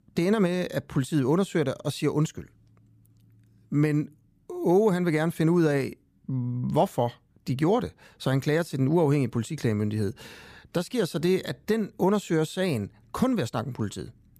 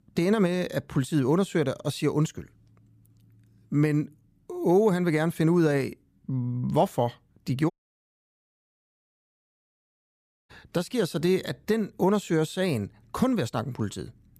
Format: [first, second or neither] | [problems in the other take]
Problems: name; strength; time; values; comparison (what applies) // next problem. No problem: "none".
first | audio cutting out; at 7.5 s for 3 s